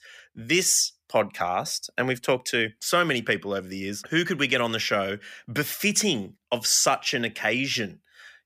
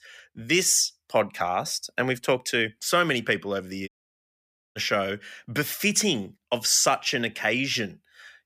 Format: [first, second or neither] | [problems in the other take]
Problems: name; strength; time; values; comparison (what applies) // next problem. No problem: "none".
first | audio cutting out; at 4 s for 1 s